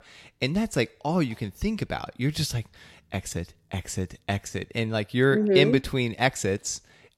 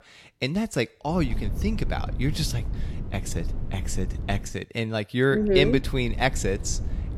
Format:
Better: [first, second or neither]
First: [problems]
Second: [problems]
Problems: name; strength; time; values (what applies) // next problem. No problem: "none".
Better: first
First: none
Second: low rumble; noticeable; from 1 to 4.5 s and from 5.5 s on; 20 dB below the speech